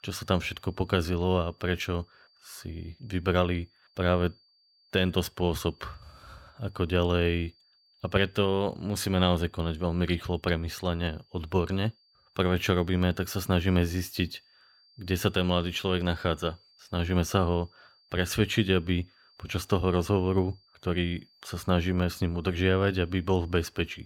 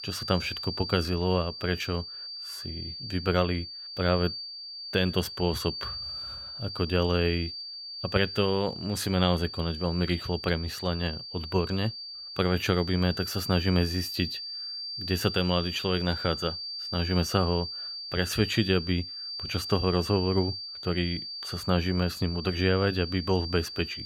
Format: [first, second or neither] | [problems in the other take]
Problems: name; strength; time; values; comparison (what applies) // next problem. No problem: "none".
first | high-pitched whine; loud; throughout; 4.5 kHz, 7 dB below the speech; faint in the first